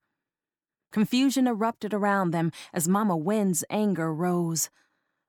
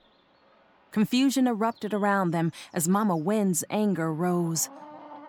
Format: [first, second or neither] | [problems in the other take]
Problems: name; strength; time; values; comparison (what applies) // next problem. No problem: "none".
first | animal sounds; faint; throughout; 25 dB below the speech